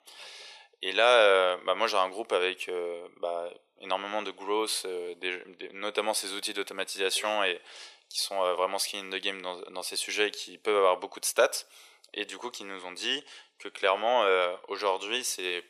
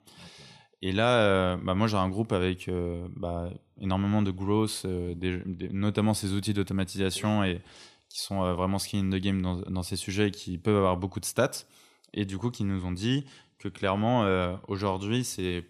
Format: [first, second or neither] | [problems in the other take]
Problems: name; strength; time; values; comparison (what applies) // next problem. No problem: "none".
second | thin; very; fading below 450 Hz